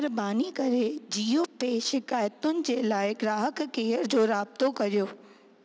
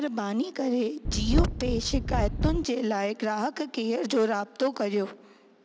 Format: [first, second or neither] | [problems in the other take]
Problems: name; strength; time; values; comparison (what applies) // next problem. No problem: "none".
first | background sound (Wind); 2 dB above the speech